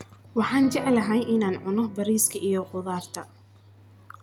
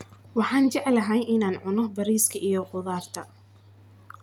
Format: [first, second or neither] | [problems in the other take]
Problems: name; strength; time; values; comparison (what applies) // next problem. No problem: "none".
second | background sound (Piano); 14 dB below the speech